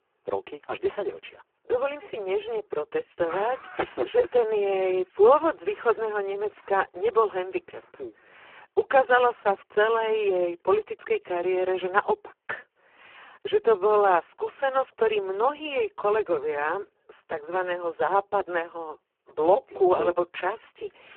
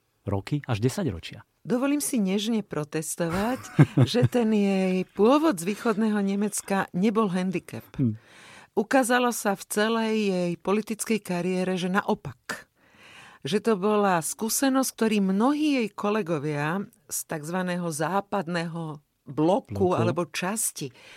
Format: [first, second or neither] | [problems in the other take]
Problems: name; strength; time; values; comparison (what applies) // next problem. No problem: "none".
second | phone-call audio; poor line